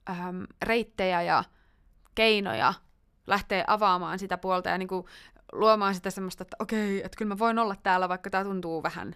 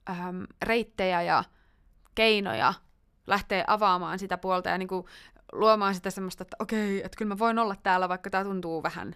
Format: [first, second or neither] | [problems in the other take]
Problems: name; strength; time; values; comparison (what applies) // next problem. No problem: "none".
neither | none